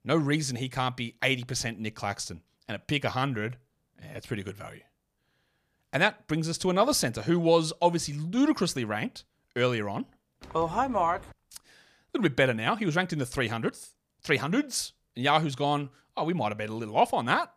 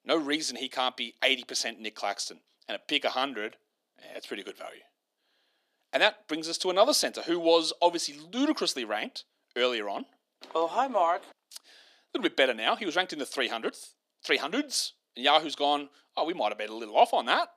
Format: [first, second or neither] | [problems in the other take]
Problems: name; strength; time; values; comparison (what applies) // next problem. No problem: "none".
first | thin; somewhat; fading below 250 Hz